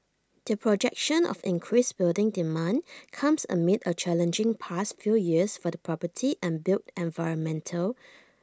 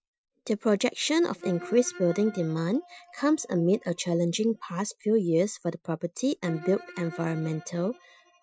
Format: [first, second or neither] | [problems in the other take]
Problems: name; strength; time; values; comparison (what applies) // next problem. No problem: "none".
first | noise reduction (classical method Wiener filter)